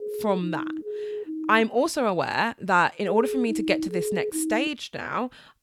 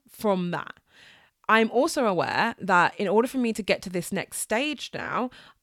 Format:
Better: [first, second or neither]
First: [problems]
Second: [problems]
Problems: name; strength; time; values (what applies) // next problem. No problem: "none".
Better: second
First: siren; noticeable; until 1.5 s and from 3 to 4.5 s; peak 3 dB below the speech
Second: none